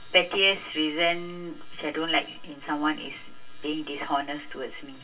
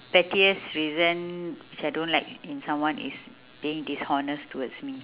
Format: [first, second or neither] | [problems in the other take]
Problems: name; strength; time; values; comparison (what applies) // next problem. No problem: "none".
second | room echo; dies away in 0.2 s